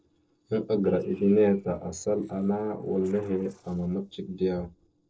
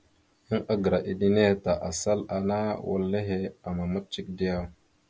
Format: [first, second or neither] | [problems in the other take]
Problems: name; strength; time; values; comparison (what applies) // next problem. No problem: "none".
second | noise reduction (neural separator model SepFormer DNS4)